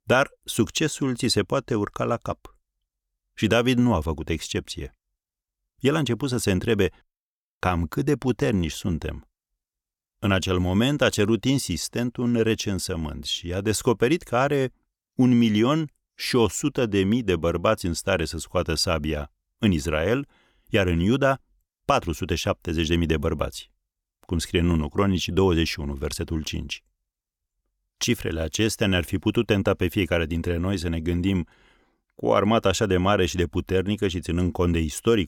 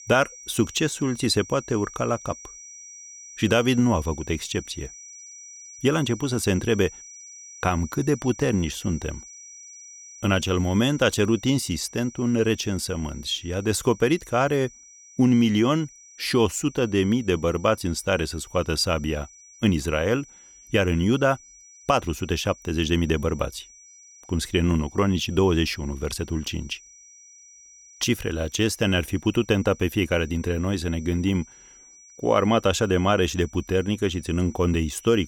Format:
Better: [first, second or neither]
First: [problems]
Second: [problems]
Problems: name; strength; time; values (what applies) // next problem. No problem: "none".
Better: first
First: none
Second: high-pitched whine; noticeable; throughout; 6 kHz, 20 dB below the speech